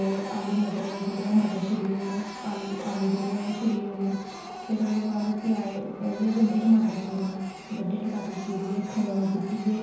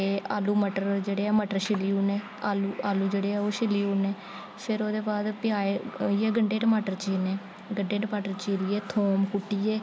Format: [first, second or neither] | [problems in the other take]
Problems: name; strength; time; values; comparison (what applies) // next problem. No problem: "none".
second | background sound (Printer); 14 dB below the speech // room echo; dies away in 0.9 s